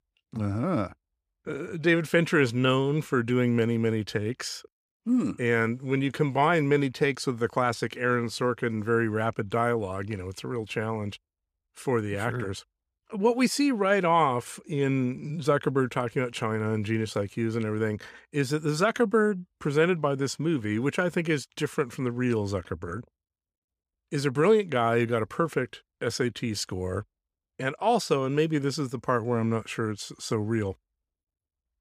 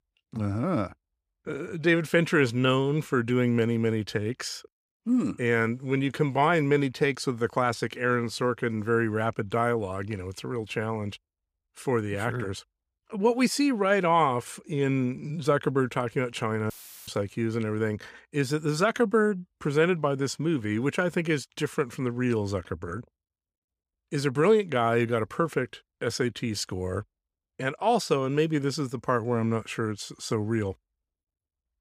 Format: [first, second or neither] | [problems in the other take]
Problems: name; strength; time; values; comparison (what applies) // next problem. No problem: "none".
first | audio cutting out; filled with static; at 17 s